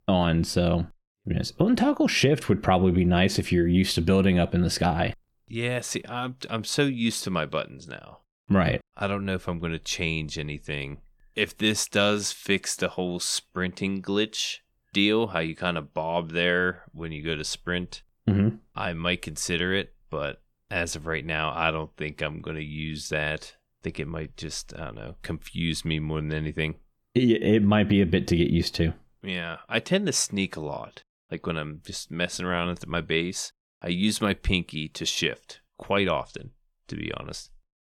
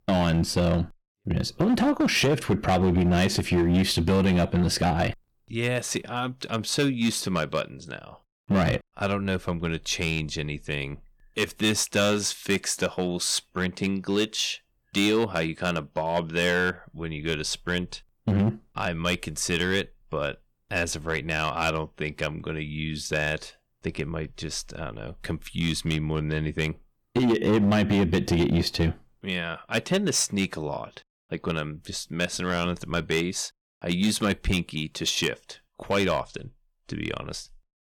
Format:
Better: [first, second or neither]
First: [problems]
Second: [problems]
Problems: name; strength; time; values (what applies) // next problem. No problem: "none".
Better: first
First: none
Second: distortion; slight; 5% of the sound clipped